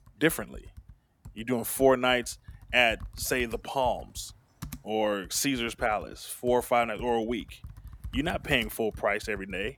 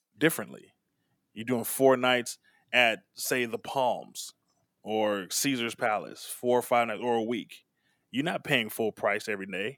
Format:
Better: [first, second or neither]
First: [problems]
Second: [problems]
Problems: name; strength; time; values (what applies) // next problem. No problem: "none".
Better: second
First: household noises; noticeable; throughout; 20 dB below the speech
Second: none